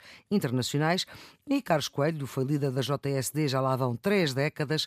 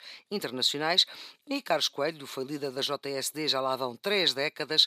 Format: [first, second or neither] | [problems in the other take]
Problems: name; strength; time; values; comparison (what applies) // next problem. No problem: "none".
first | thin; somewhat; fading below 350 Hz